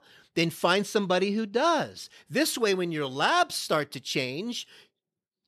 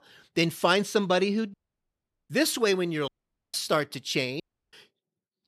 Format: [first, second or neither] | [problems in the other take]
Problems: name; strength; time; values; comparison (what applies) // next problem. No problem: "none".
first | audio cutting out; at 1.5 s for 1 s, at 3 s and at 4.5 s